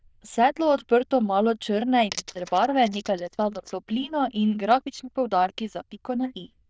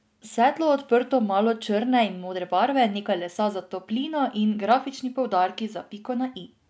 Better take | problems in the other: second | noise reduction (neural diffusion model UNIVERSE++)

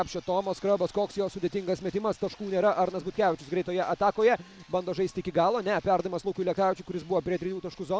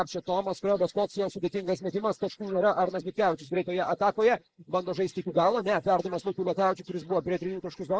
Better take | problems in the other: first | noise reduction (neural mask model Resemble Enhance denoiser)

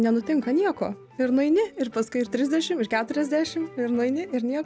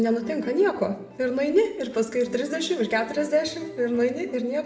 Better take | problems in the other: first | room echo; dies away in 0.7 s

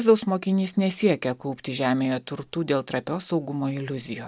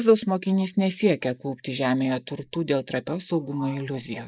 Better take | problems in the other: first | noise reduction (neural mask model Resemble Enhance denoiser)

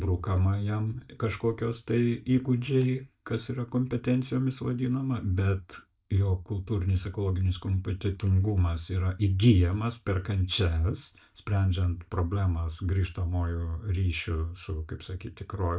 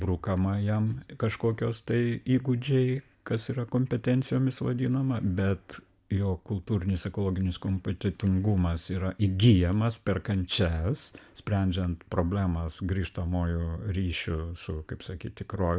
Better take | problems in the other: second | noise reduction (neural mask model DeepFilterNet 3)

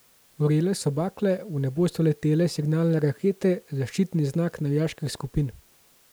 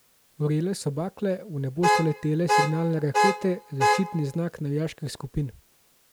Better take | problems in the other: first | background sound (Alarm / Car); 3 dB above the speech

